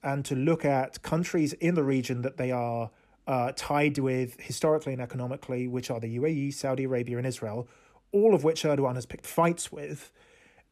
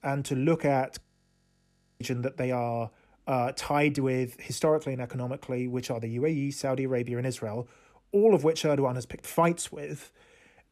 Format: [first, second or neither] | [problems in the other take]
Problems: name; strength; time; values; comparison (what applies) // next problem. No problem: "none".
first | audio freezing; at 1 s for 1 s